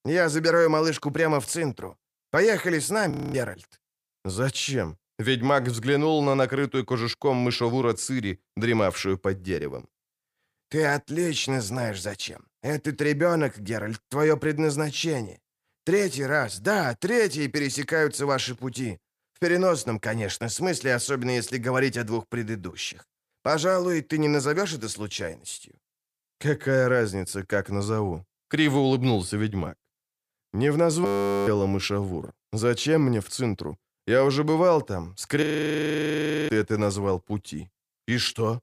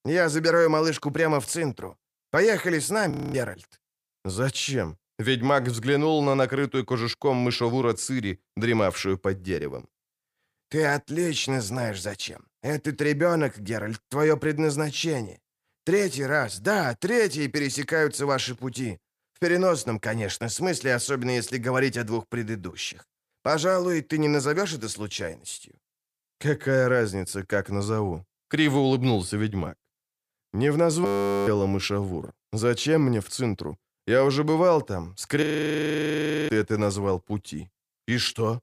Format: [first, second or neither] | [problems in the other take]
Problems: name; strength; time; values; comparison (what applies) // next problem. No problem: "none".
neither | audio freezing; at 3 s, at 31 s and at 35 s for 1 s; the same in both